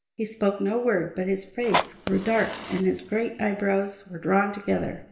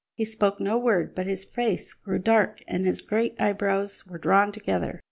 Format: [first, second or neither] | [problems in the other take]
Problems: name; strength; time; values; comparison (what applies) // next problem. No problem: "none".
second | background sound (Fire); 6 dB below the speech // room echo; dies away in 0.9 s